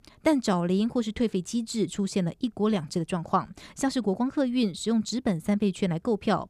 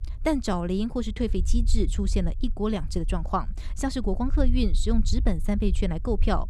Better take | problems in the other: first | low rumble; faint; throughout; 20 dB below the speech

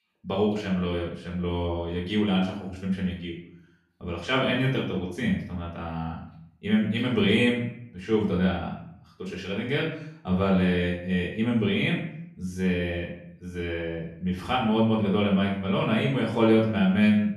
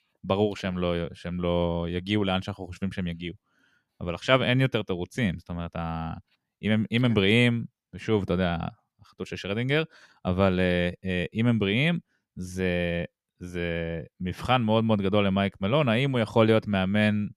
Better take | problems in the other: second | off-mic speech; far // room echo; noticeable; dies away in 0.6 s

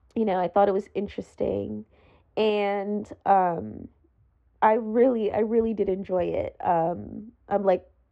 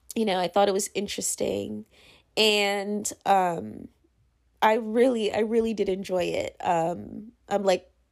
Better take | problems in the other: second | muffled; very; fading above 1.5 kHz

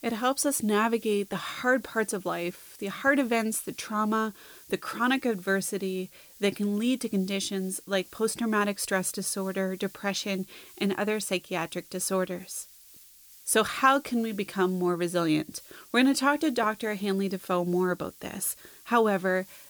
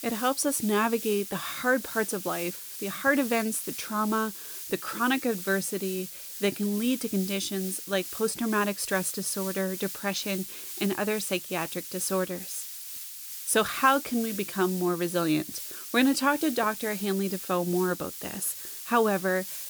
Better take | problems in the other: first | hiss; loud; throughout; 8 dB below the speech; faint in the first

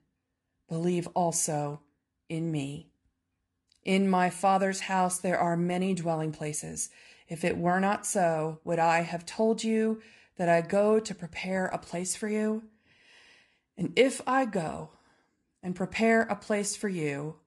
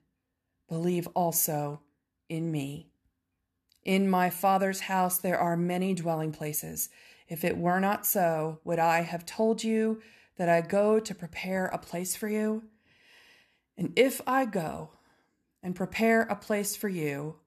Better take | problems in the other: second | garbled, watery; slightly; nothing above 11 kHz

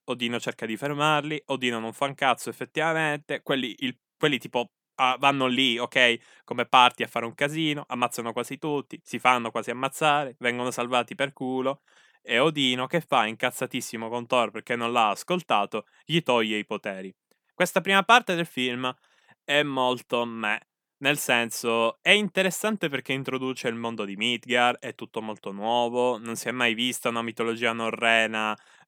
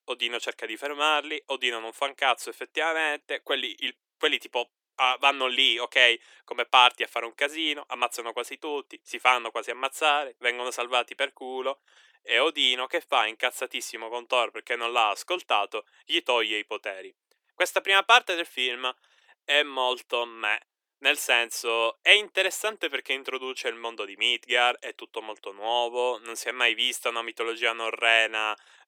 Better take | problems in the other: first | thin; very; fading below 350 Hz

